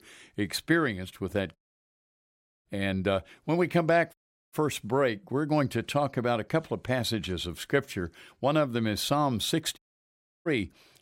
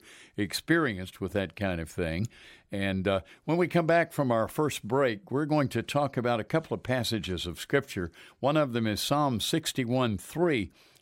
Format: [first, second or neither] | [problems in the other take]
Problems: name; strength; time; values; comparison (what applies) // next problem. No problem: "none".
second | audio cutting out; at 1.5 s for 1 s, at 4 s and at 10 s for 0.5 s